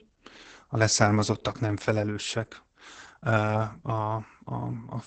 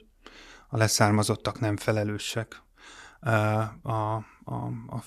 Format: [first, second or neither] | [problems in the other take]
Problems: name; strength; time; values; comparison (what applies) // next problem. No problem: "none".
second | garbled, watery; badly; nothing above 8 kHz